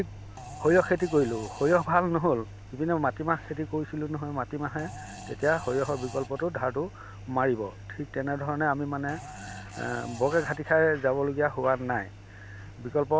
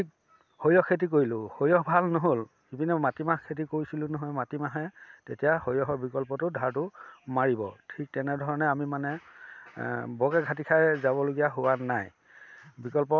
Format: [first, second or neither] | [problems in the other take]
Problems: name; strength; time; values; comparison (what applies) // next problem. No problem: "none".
second | background sound (Engine + Fart); 15 dB below the speech